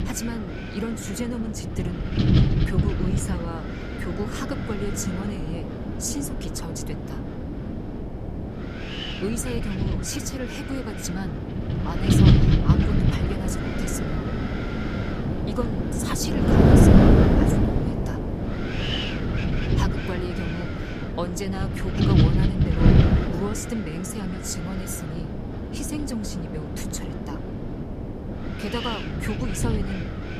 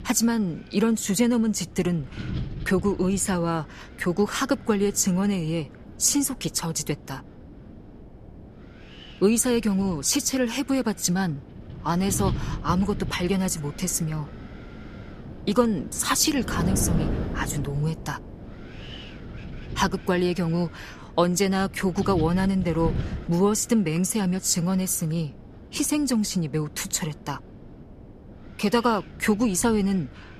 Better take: second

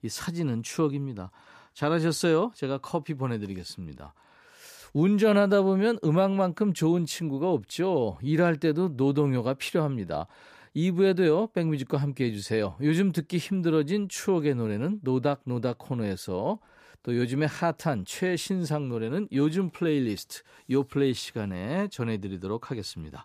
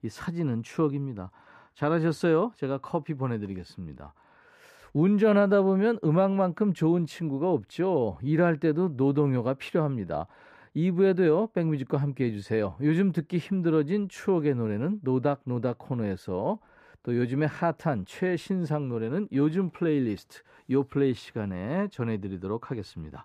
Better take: first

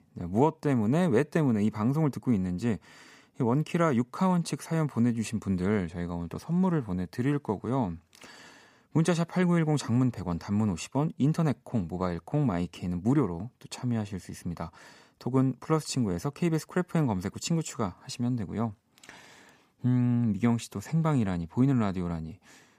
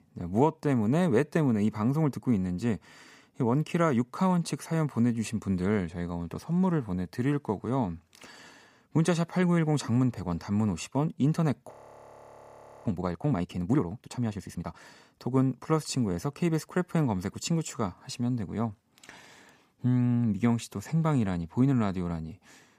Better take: first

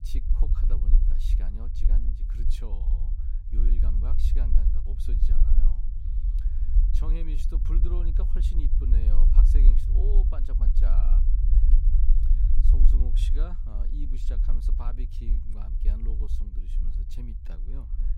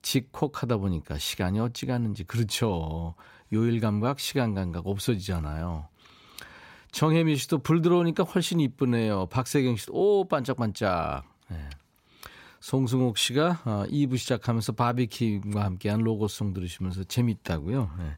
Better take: second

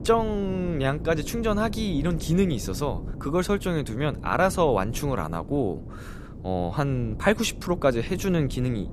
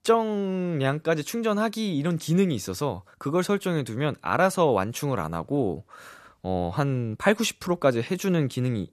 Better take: second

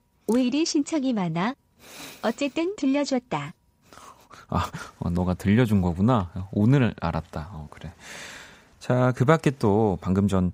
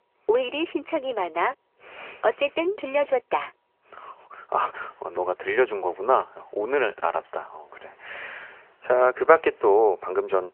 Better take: first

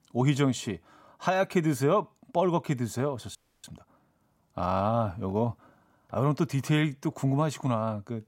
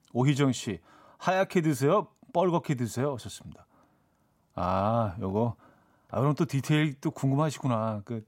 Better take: second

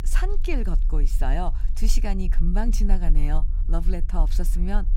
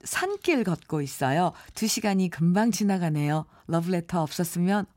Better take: second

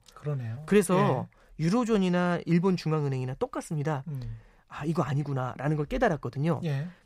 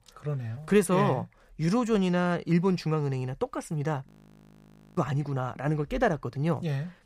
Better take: first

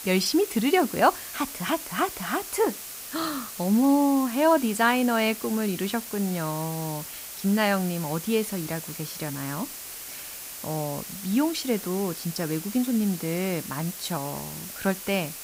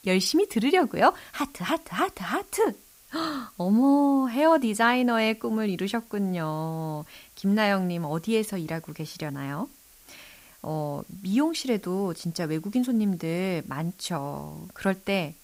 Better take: second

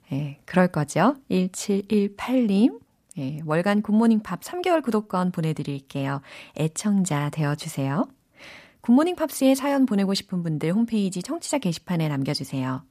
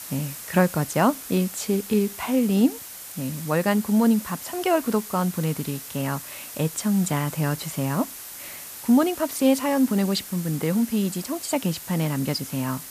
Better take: first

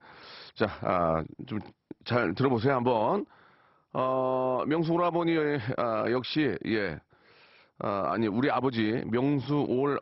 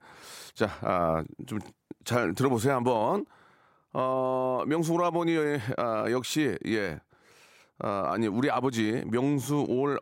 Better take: second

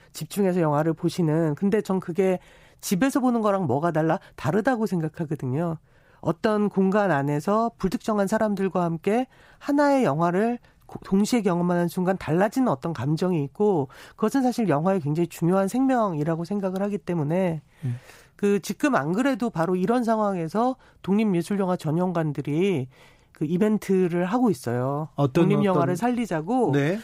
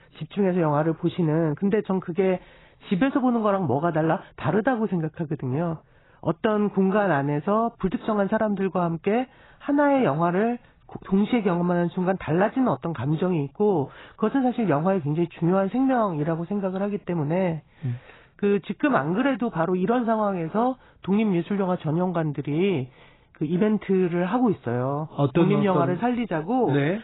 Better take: first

